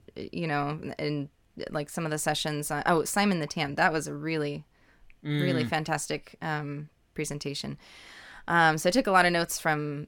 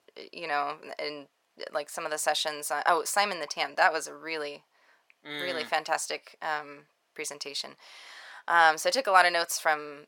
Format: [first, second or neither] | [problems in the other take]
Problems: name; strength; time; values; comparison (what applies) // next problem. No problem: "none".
first | thin; very; fading below 700 Hz